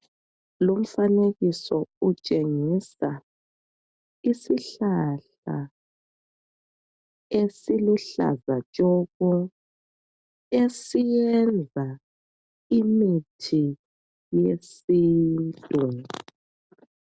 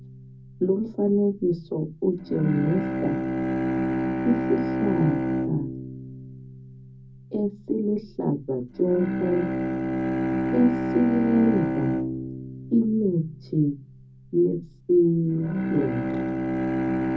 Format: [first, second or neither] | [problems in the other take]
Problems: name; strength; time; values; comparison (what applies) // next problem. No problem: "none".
first | background sound (Bowed string instrument); 3 dB below the speech // room echo; dies away in 0.4 s